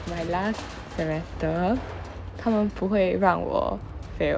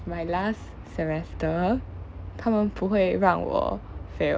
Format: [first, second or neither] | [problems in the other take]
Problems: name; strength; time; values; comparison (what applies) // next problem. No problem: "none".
second | background sound (Crushing); 16 dB below the speech